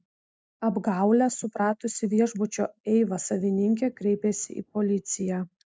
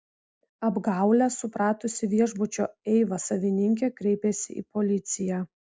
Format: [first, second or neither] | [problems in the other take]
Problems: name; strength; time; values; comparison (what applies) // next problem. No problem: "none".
second | noise reduction (neural mask model Resemble Enhance denoiser)